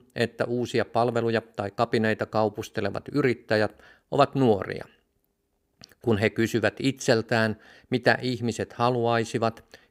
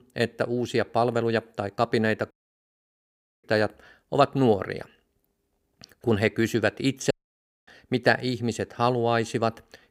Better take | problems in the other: first | audio cutting out; at 2.5 s for 1 s and at 7 s for 0.5 s

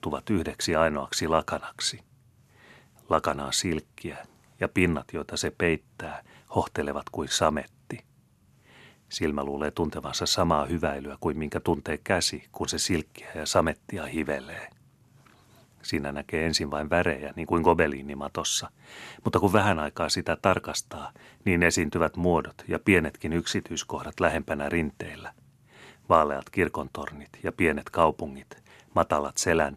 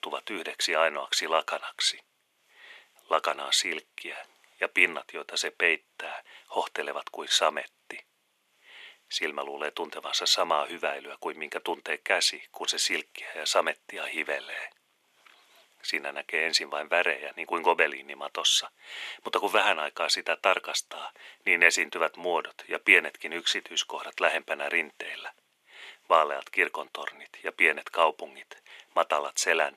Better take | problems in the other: first | thin; very; fading below 450 Hz

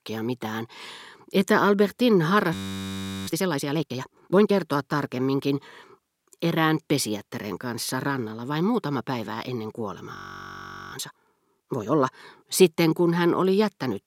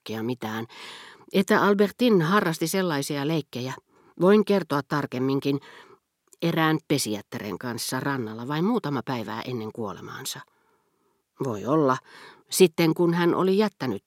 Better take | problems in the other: second | audio freezing; at 2.5 s for 0.5 s and at 10 s for 1 s

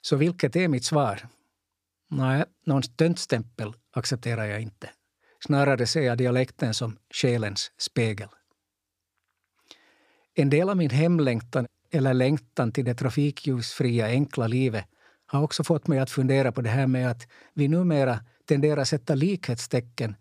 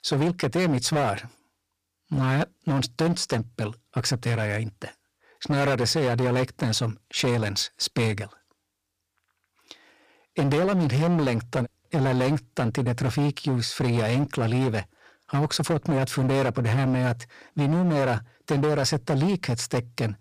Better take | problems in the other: first | distortion; heavy; 17% of the sound clipped

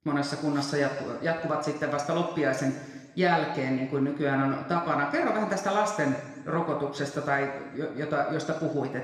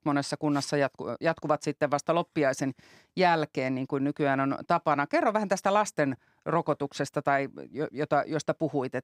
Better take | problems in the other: second | room echo; noticeable; dies away in 1.3 s // off-mic speech; somewhat distant

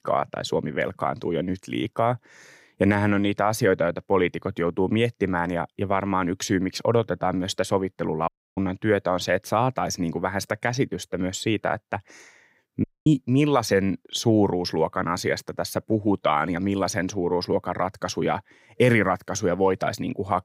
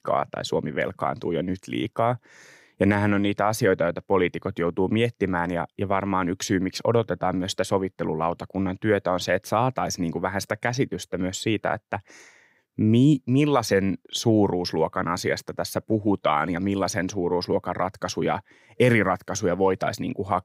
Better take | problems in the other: second | audio cutting out; at 8.5 s and at 13 s

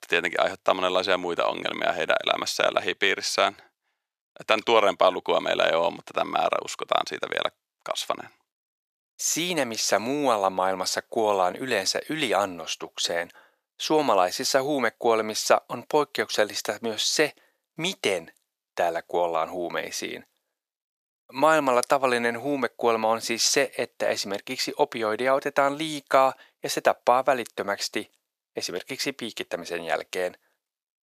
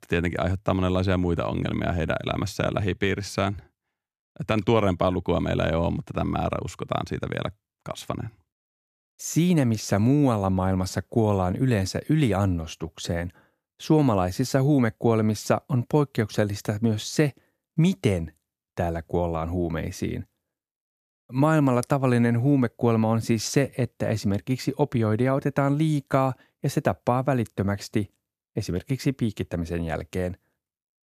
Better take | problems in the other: second | thin; very; fading below 600 Hz

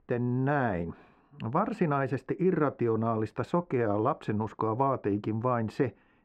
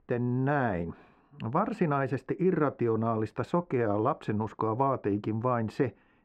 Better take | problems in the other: neither | muffled; very; fading above 3.5 kHz; the same in both

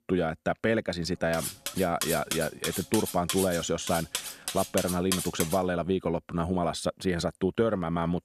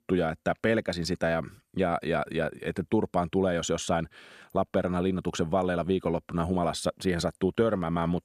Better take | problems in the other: second | clattering dishes; noticeable; from 1.5 to 5.5 s; peak 1 dB below the speech

